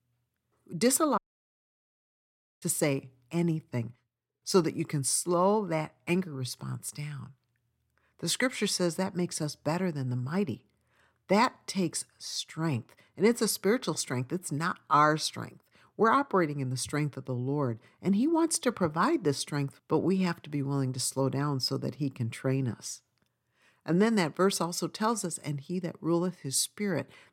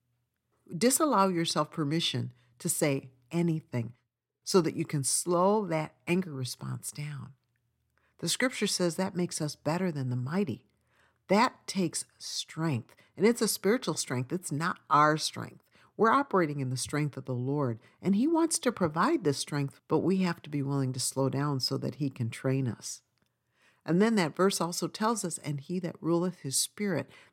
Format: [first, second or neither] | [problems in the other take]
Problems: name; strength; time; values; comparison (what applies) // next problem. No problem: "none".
second | audio cutting out; at 1 s for 1.5 s